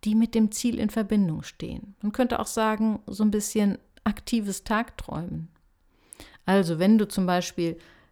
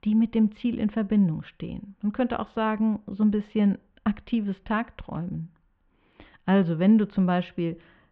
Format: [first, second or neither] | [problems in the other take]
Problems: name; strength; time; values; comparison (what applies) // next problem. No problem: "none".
first | muffled; very; fading above 3 kHz